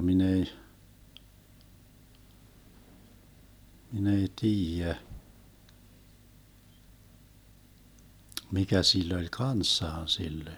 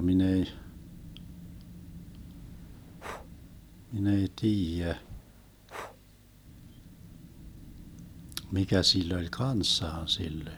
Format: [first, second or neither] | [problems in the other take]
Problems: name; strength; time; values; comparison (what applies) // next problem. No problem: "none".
first | background sound (Wind + Breathing); 15 dB below the speech